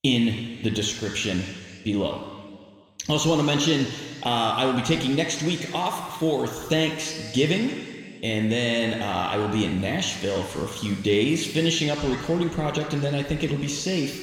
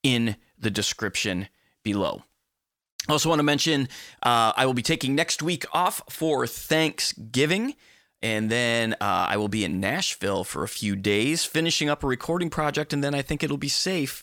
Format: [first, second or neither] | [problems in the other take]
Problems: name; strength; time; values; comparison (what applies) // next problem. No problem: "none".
second | room echo; noticeable; dies away in 2 s